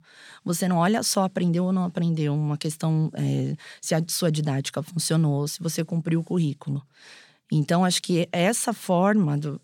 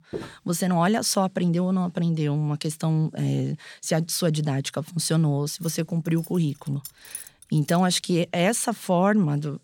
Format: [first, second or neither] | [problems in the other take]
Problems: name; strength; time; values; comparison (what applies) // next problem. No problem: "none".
first | footsteps; faint; at the start; peak 15 dB below the speech // jangling keys; faint; from 5.5 to 8 s; peak 10 dB below the speech